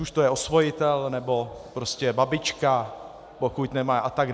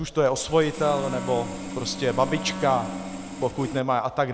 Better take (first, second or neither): first